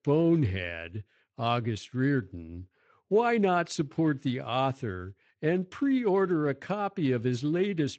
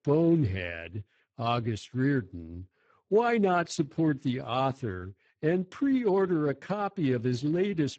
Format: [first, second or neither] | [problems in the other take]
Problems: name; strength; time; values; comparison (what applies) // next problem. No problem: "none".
first | garbled, watery; badly; nothing above 8 kHz; slightly in the first